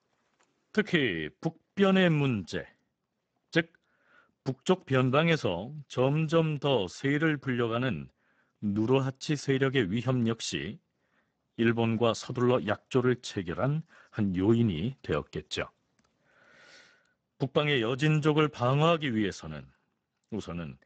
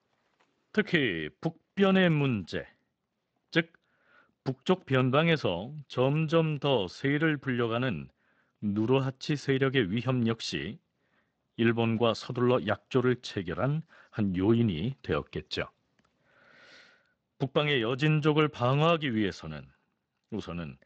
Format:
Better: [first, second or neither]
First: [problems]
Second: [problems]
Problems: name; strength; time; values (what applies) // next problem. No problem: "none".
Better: second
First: garbled, watery; badly; nothing above 8 kHz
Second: garbled, watery; slightly; nothing above 8 kHz